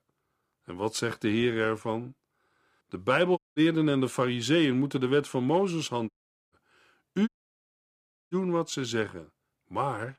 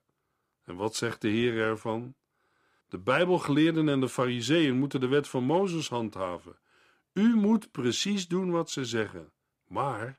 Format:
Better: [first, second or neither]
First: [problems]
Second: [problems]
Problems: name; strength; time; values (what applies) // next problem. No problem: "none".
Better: second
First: audio cutting out; at 3.5 s, at 6 s and at 7.5 s for 1 s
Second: none